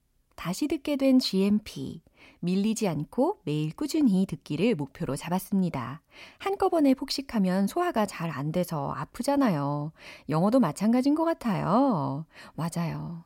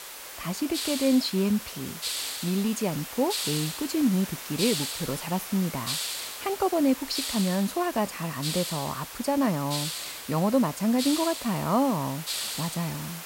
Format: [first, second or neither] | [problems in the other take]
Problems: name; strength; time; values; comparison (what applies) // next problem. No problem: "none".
first | hiss; loud; throughout; 5 dB below the speech